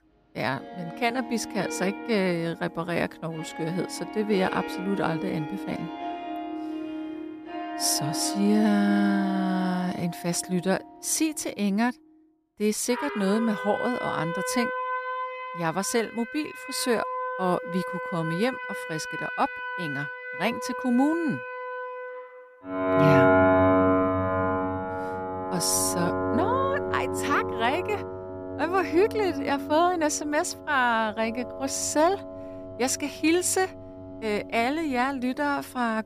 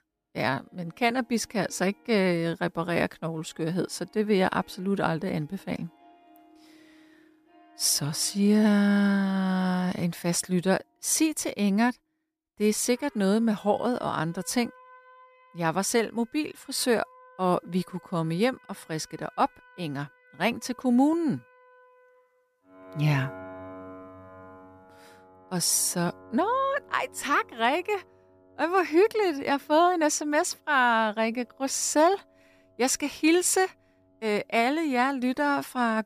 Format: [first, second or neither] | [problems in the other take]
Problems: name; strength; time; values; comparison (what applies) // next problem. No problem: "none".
second | background music; loud; throughout; 3 dB below the speech; faint in the second